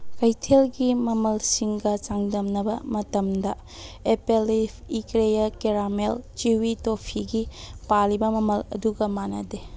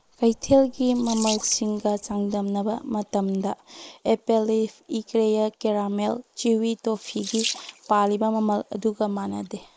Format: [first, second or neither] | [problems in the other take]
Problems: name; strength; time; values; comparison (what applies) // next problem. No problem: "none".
first | noise reduction (neural mask model Resemble Enhance denoiser)